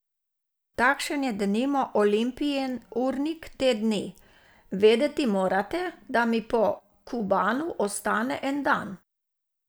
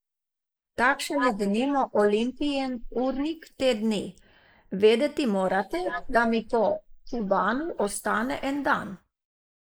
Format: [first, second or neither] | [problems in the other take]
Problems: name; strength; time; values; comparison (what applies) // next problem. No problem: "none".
first | noise reduction (neural mask model Resemble Enhance denoiser)